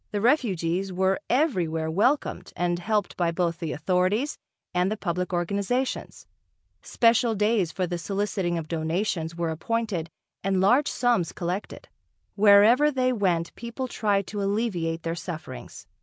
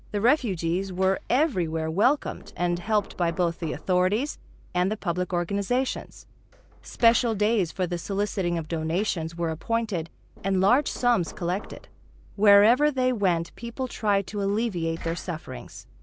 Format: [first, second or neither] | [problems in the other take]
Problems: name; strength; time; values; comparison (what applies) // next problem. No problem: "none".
first | background sound (Knock); 19 dB below the speech